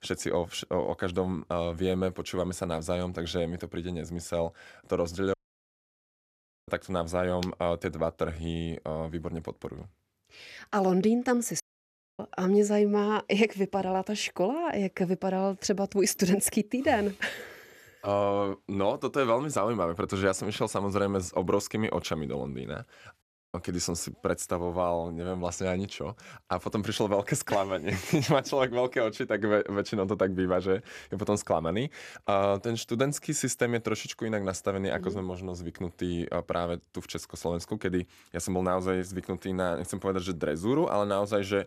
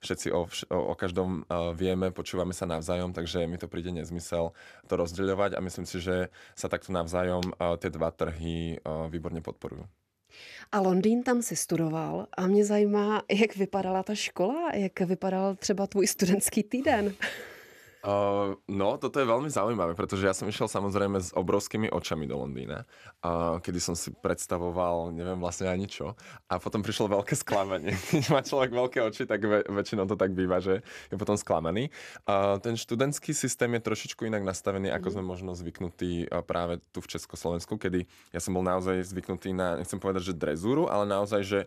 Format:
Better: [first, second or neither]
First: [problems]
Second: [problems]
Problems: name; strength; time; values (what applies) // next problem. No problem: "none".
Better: second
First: audio cutting out; at 5.5 s for 1.5 s, at 12 s for 0.5 s and at 23 s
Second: none